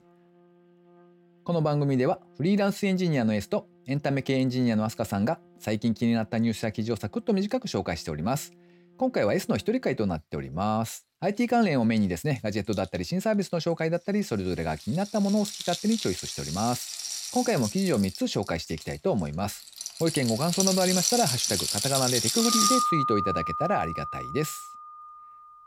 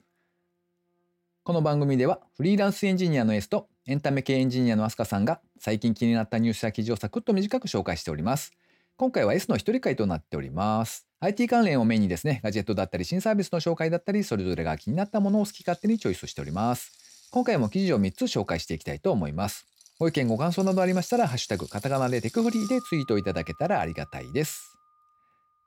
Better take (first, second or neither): second